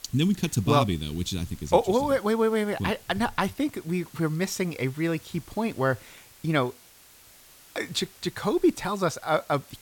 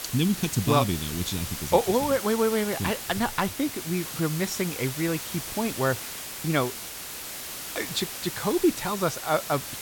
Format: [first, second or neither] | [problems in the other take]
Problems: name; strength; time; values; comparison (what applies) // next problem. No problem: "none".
first | hiss; loud; throughout; 7 dB below the speech; faint in the first